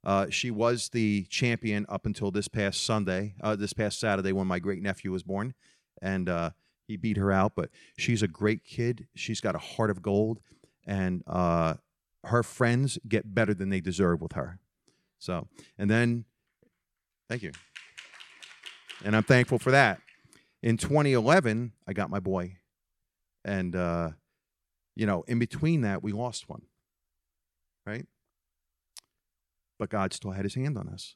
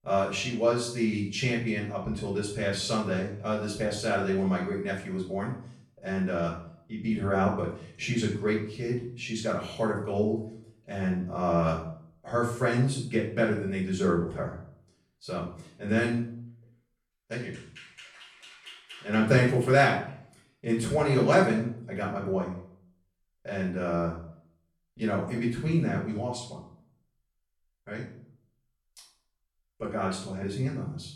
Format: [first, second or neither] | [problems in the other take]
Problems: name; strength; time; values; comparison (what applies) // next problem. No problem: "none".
first | off-mic speech; far // room echo; noticeable; dies away in 0.5 s